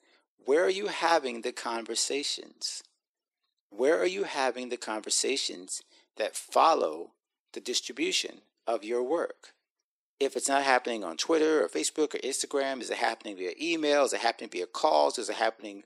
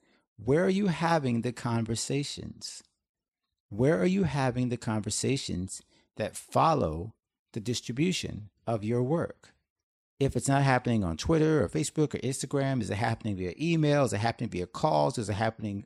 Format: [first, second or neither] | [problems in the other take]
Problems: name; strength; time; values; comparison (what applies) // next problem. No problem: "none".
second | thin; very; fading below 350 Hz